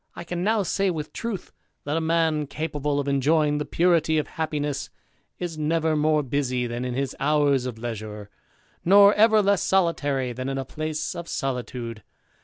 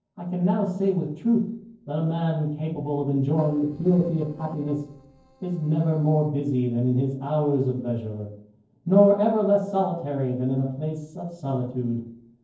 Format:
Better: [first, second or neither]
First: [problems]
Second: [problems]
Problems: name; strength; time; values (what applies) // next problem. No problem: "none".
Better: first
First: none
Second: noise reduction (neural separator model SepFormer DNS4)